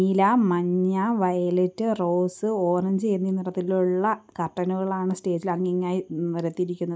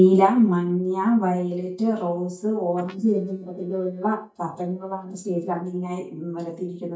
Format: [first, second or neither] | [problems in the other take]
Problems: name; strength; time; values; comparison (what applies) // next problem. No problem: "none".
first | noise reduction (neural mask model DeepFilterNet 3)